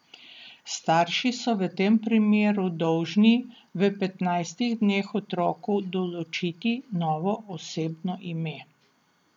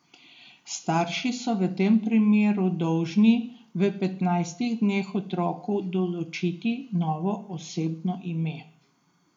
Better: first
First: none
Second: room echo; dies away in 0.4 s

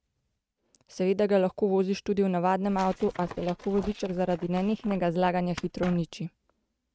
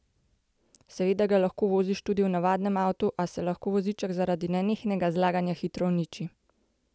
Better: second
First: noise reduction (neural mask model RNNoise)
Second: none

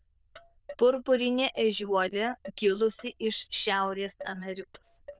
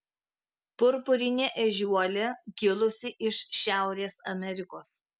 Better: second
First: noise reduction (neural diffusion model UNIVERSE++)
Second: none

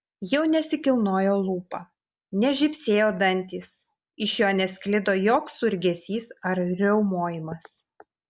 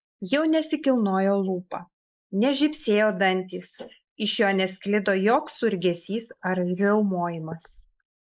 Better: first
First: none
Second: noise reduction (neural mask model Resemble Enhance denoiser)

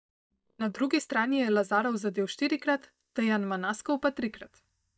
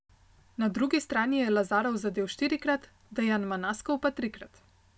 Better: second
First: noise reduction (neural mask model DeepFilterNet 3)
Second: none

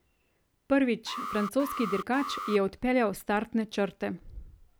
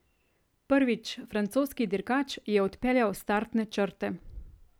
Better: second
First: background sound (Alarm); 7 dB below the speech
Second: none

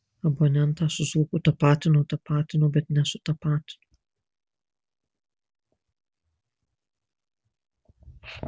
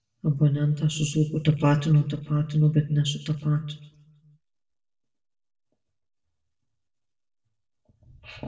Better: first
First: none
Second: room echo; dies away in 0.7 s

